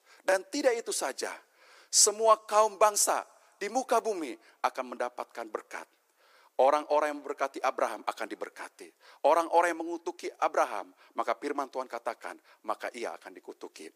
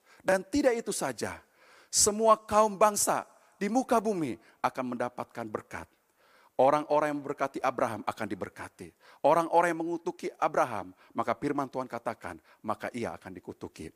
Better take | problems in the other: second | thin; somewhat; fading below 350 Hz

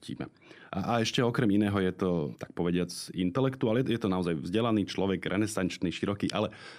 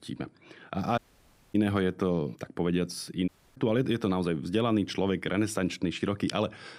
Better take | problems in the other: first | audio cutting out; at 1 s for 0.5 s and at 3.5 s

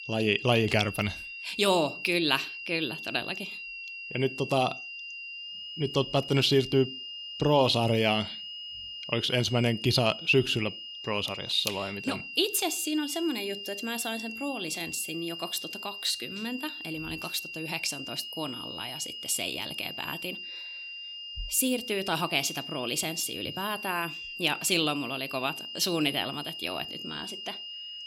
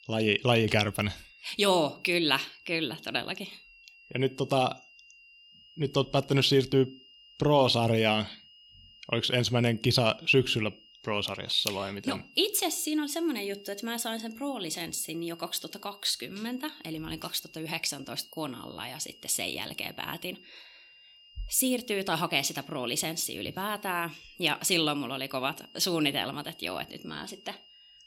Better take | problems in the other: second | high-pitched whine; loud; throughout; 3 kHz, 9 dB below the speech; faint in the second

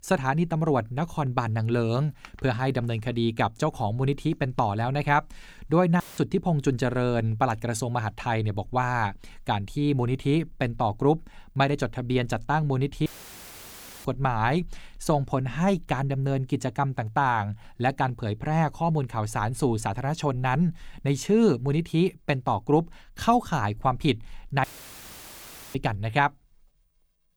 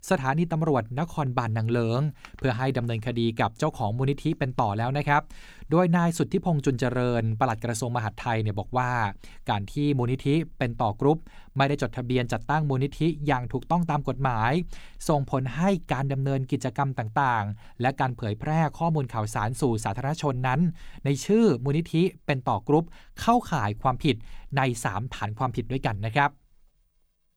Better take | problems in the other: second | audio cutting out; filled with static; at 6 s, at 13 s for 1 s and at 25 s for 1 s

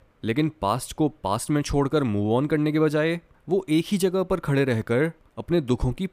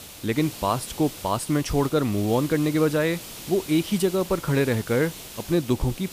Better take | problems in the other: first | hiss; noticeable; throughout; 15 dB below the speech

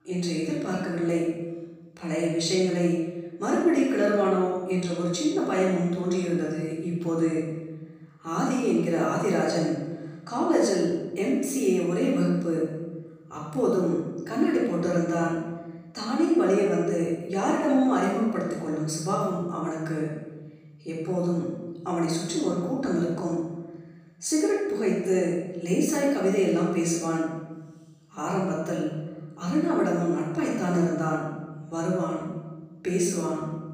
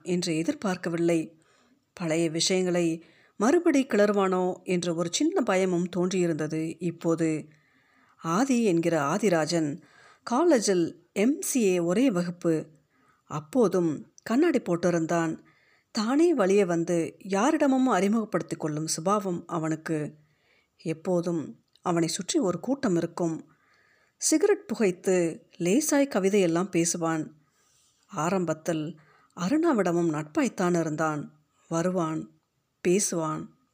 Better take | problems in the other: second | off-mic speech; far // room echo; noticeable; dies away in 1.2 s

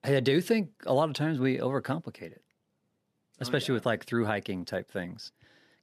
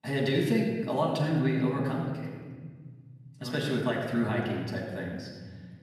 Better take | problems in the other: first | off-mic speech; far // room echo; noticeable; dies away in 1.8 s

